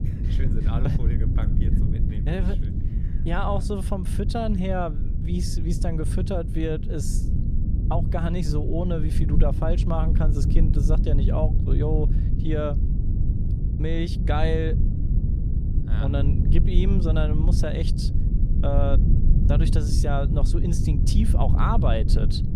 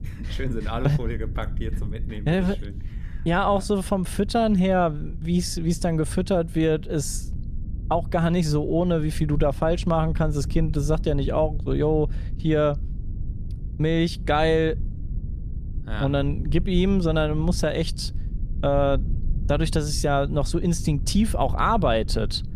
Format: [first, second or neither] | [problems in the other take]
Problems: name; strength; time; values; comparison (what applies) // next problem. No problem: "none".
second | low rumble; loud; throughout; 6 dB below the speech; faint in the second